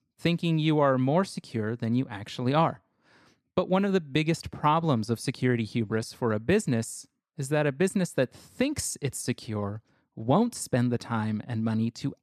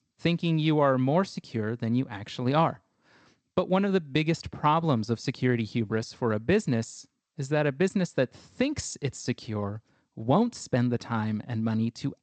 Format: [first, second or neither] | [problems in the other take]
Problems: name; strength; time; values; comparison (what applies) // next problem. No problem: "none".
first | garbled, watery; slightly; nothing above 8 kHz